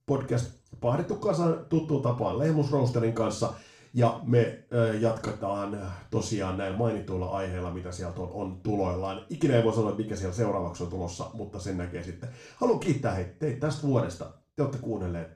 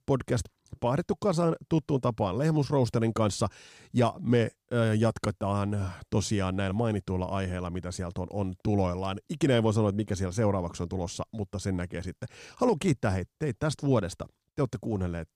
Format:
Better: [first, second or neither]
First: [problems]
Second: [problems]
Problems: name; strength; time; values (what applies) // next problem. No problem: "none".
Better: second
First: room echo; slight; dies away in 0.4 s // off-mic speech; far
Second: none